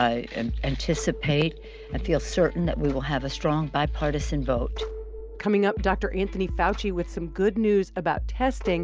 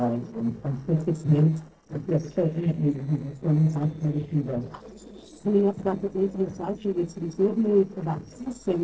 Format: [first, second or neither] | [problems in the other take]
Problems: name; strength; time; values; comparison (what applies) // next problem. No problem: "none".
first | noise reduction (neural separator model SepFormer DNS4)